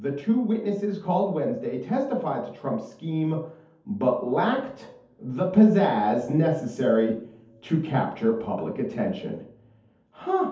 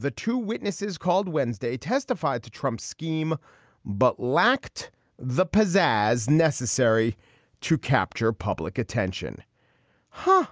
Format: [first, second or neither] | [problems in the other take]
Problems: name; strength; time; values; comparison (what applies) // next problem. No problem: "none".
second | room echo; dies away in 0.6 s